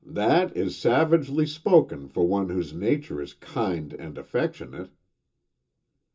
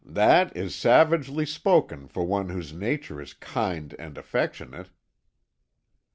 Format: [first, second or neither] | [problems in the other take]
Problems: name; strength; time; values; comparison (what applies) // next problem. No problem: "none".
second | room echo; dies away in 0.2 s